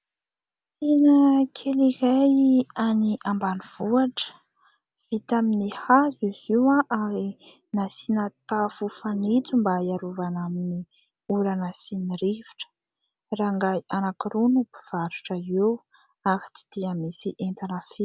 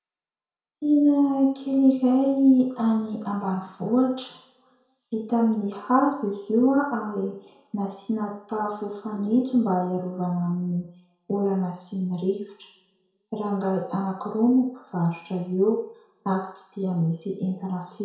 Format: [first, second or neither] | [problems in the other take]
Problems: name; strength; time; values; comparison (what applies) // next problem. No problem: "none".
first | room echo; dies away in 0.5 s